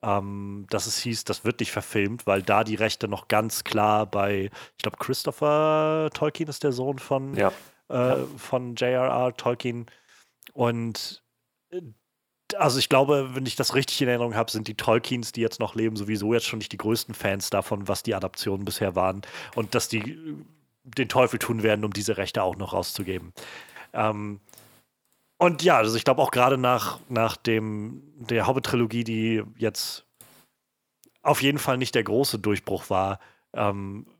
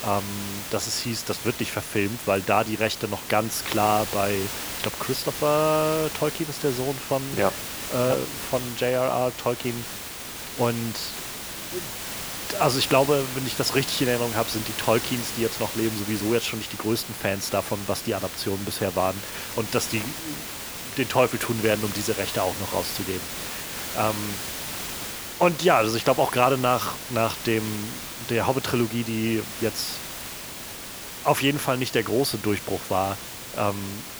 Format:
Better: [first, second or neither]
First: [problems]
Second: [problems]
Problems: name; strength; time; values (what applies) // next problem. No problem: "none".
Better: first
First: none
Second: hiss; loud; throughout; 7 dB below the speech